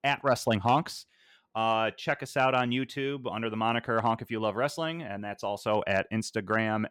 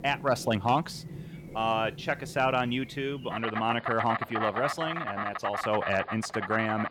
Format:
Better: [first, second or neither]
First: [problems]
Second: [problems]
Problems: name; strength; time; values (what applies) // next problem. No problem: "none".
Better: first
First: none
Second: animal sounds; loud; throughout; 7 dB below the speech